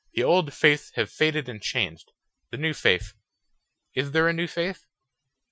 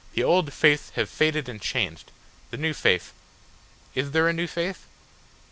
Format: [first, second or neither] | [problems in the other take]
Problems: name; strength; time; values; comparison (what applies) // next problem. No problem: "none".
second | noise reduction (classical method Wiener filter)